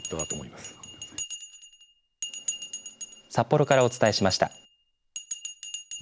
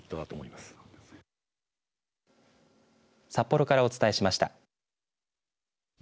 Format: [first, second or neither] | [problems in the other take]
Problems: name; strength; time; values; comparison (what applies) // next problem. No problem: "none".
second | background sound (Bell); 10 dB below the speech